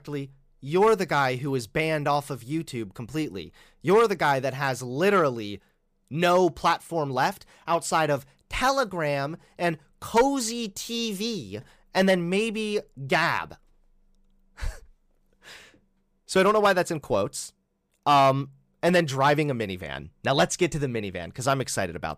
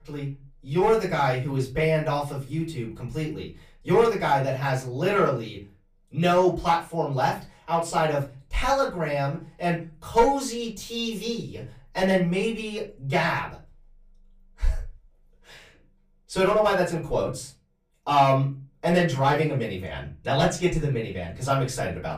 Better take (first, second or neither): first